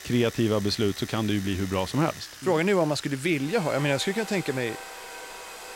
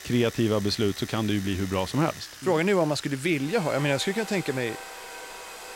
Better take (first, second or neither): neither